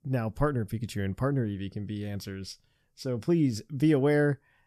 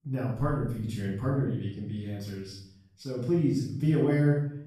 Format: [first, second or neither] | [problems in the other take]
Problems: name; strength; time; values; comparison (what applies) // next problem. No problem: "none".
first | off-mic speech; far // room echo; noticeable; dies away in 0.6 s